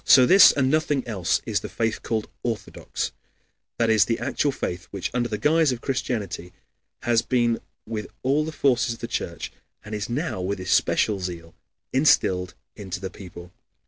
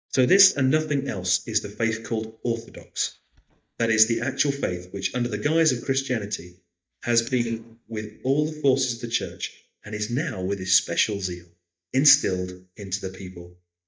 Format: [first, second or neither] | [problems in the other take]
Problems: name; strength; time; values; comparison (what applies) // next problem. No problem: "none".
first | noise reduction (neural mask model DeepFilterNet 3)